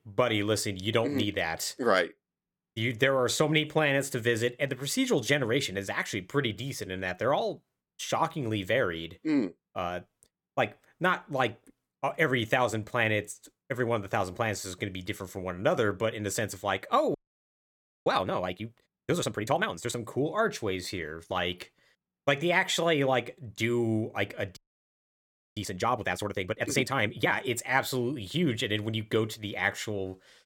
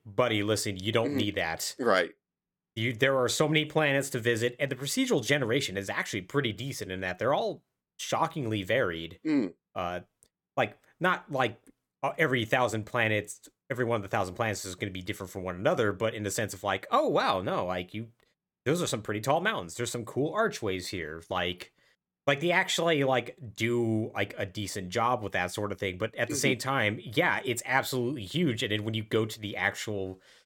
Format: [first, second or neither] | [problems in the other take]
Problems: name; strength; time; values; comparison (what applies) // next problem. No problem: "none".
second | audio freezing; at 17 s for 1 s and at 25 s for 1 s